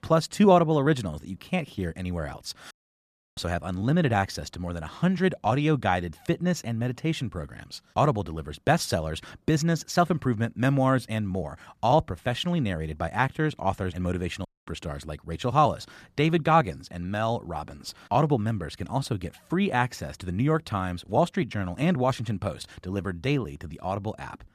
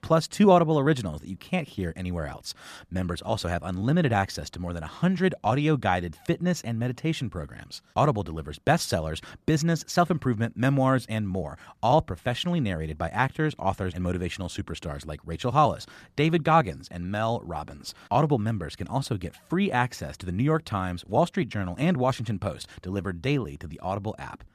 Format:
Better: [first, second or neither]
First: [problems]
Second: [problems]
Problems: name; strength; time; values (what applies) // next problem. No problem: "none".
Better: second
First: audio cutting out; at 2.5 s for 0.5 s and at 14 s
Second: none